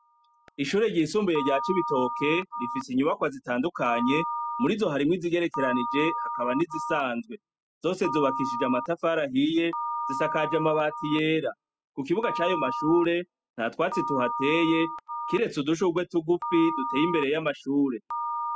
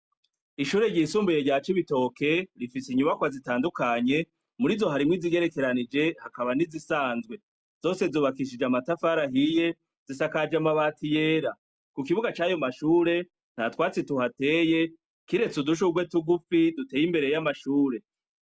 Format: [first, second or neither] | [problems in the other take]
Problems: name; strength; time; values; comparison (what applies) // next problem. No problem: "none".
second | noise reduction (classical method spectral subtraction)